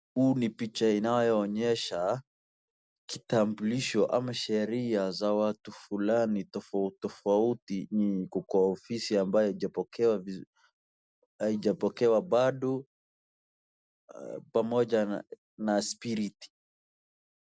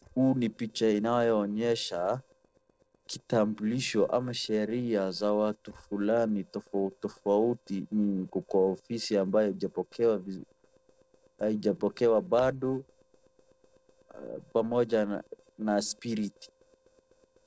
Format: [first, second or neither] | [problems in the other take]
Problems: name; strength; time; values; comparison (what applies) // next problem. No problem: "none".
first | noise reduction (neural separator model SepFormer DNS4)